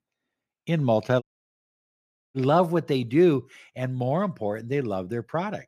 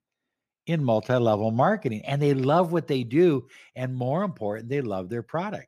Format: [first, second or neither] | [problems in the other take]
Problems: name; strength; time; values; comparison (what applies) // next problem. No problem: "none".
second | audio cutting out; at 1 s for 1 s